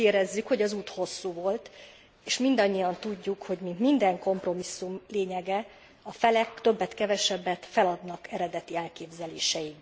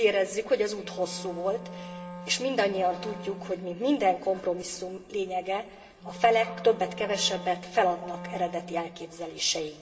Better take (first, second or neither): first